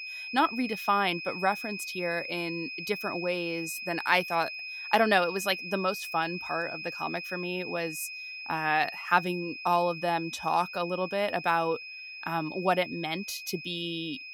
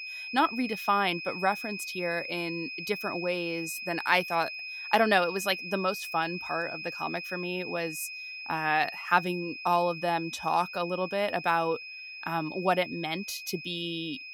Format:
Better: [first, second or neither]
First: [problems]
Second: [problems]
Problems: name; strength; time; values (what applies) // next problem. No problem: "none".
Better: neither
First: high-pitched whine; loud; throughout; 2.5 kHz, 8 dB below the speech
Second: high-pitched whine; loud; throughout; 2.5 kHz, 8 dB below the speech